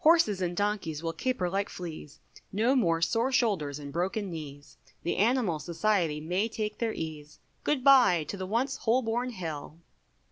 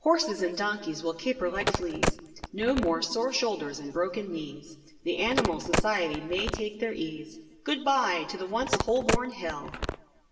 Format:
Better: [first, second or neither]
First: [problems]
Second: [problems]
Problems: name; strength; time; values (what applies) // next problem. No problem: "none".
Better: first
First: none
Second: background sound (Telephone); 1 dB below the speech // room echo; dies away in 1.3 s